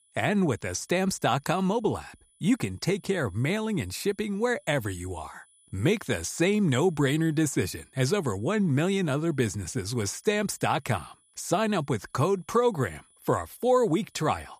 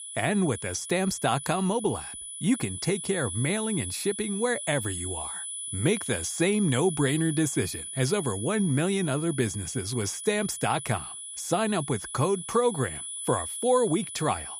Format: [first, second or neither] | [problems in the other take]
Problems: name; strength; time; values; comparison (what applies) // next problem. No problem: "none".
first | high-pitched whine; loud; throughout; 10 kHz, 7 dB below the speech; faint in the first